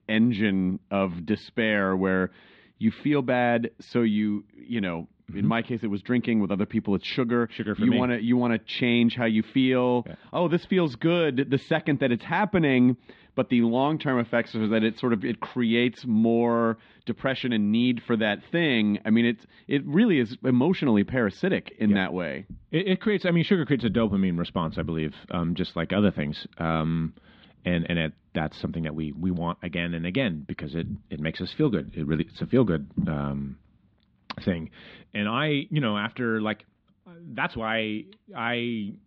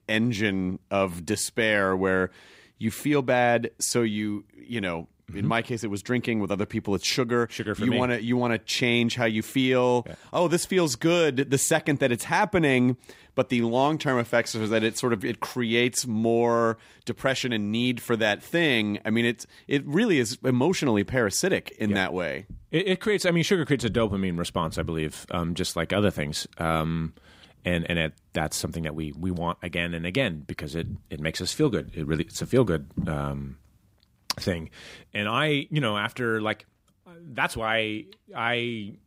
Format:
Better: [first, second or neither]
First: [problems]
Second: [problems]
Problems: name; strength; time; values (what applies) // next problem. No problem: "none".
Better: second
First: muffled; slightly; fading above 4 kHz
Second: none